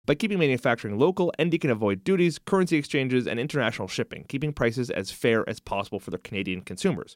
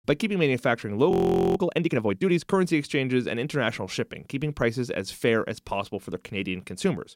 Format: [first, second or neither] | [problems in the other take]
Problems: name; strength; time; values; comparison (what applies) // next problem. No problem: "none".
first | audio freezing; at 1 s